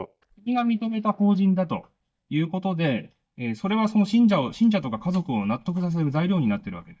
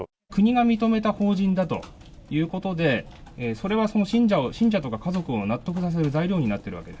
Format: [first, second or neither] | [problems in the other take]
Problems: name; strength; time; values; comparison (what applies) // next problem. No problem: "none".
second | noise reduction (neural mask model DeepFilterNet 3)